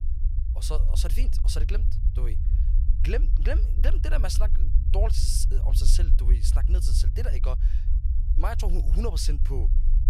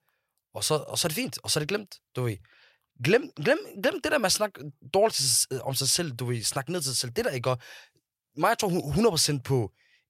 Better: second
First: low rumble; loud; throughout; 10 dB below the speech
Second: none

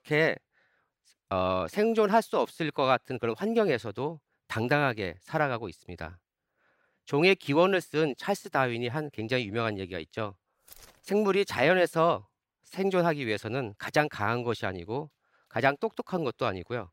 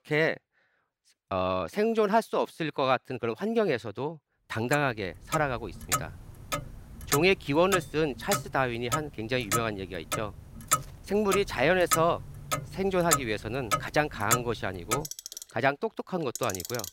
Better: first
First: none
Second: household noises; loud; from 5 s on; 3 dB below the speech

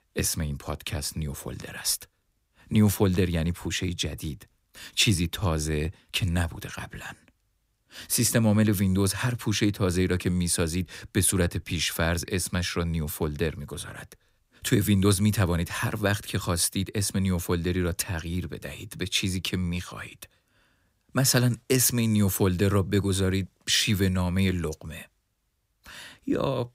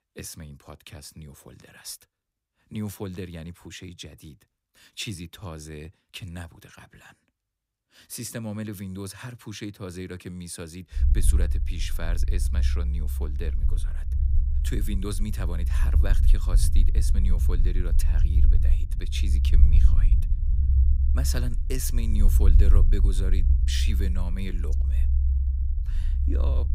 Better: first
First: none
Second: low rumble; loud; from 11 s on; 6 dB below the speech

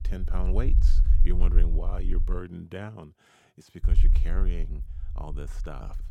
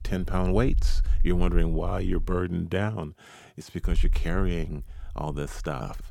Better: second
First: low rumble; loud; until 2.5 s and from 4 s on; 8 dB below the speech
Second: low rumble; faint; until 2.5 s and from 4 s on; 20 dB below the speech

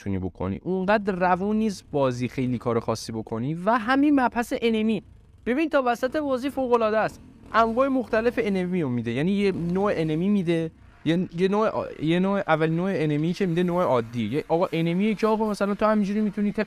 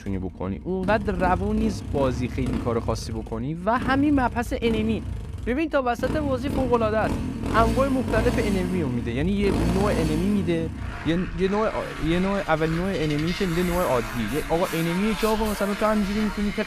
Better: first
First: traffic noise; faint; throughout; 25 dB below the speech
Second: traffic noise; loud; throughout; 6 dB below the speech

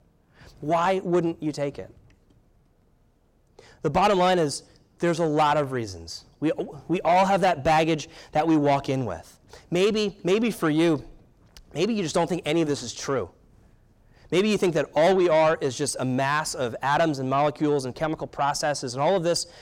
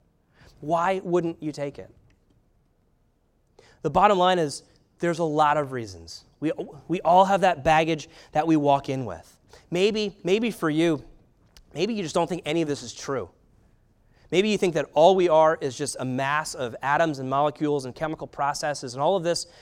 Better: second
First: distortion; slight; 10 dB below the speech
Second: none

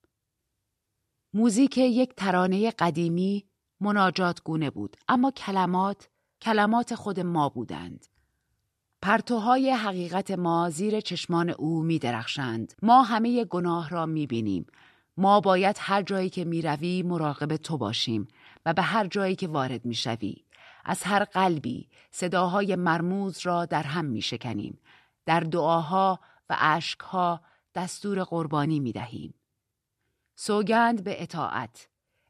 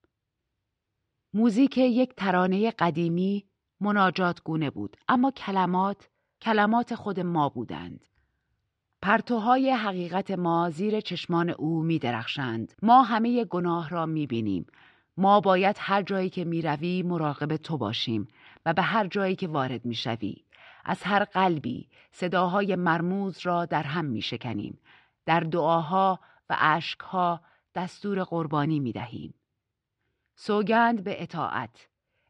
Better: first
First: none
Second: muffled; very slightly; fading above 3 kHz

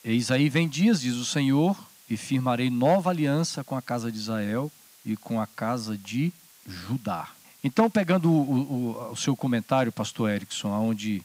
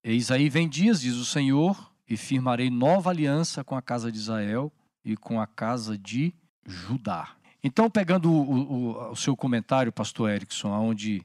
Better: second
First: hiss; faint; throughout; 25 dB below the speech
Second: none

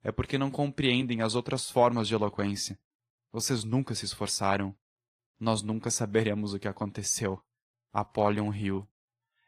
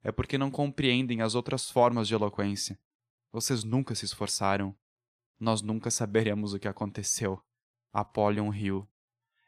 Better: second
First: garbled, watery; slightly; nothing above 14.5 kHz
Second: none

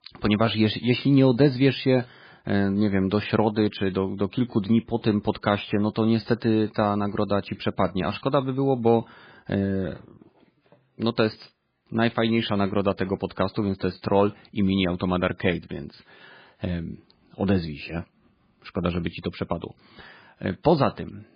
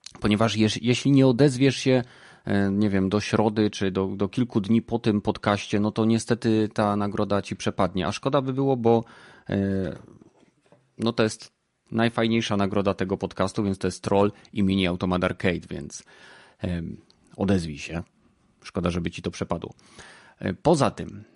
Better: second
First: garbled, watery; badly; nothing above 4.5 kHz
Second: garbled, watery; slightly; nothing above 10.5 kHz

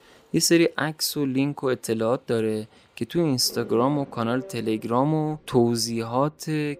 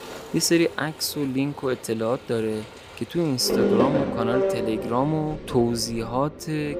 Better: first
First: traffic noise; faint; throughout; 20 dB below the speech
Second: traffic noise; loud; throughout; 2 dB below the speech

